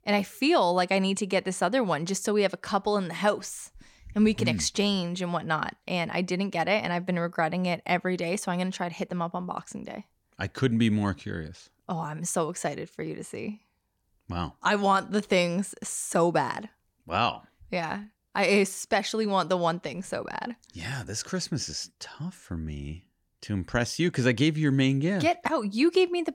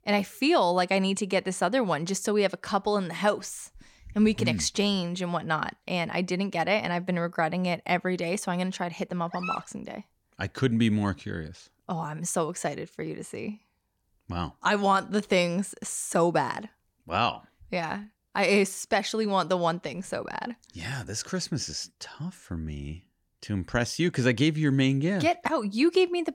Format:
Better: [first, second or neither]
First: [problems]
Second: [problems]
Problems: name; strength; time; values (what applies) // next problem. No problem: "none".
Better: first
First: none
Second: dog barking; noticeable; at 9.5 s; peak 7 dB below the speech